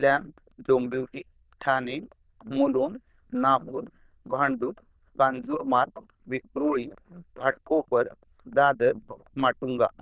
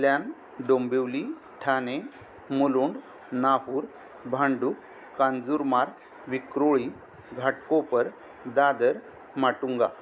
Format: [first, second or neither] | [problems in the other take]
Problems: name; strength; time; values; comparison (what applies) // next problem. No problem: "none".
second | noise reduction (neural diffusion model UNIVERSE++)